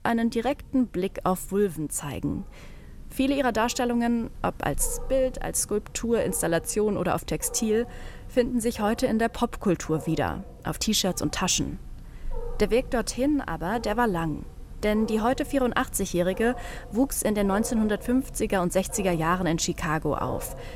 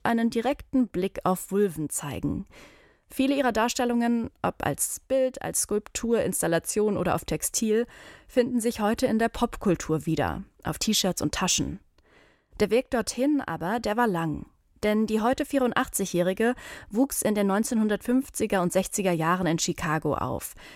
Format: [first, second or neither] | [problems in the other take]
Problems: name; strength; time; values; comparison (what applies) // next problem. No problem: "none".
second | animal sounds; noticeable; throughout; 15 dB below the speech